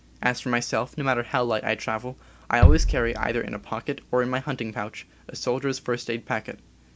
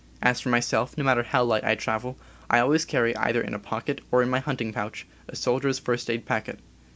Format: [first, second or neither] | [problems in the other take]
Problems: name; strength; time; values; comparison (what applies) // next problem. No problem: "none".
second | background sound (Bass drum); 2 dB above the speech